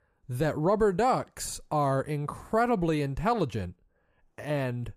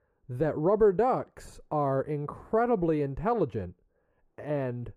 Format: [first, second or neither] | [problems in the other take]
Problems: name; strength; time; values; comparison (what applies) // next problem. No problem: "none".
first | muffled; very; fading above 2.5 kHz